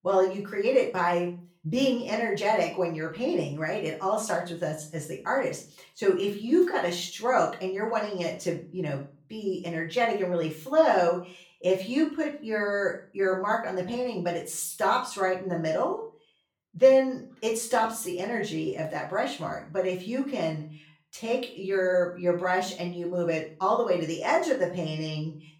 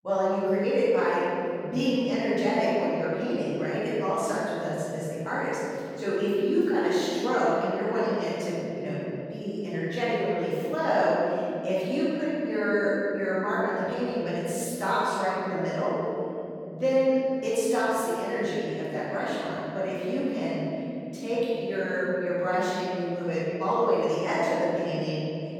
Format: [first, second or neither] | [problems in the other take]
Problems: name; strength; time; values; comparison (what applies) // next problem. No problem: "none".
first | room echo; strong; dies away in 3 s; slight in the first // off-mic speech; far; far in the first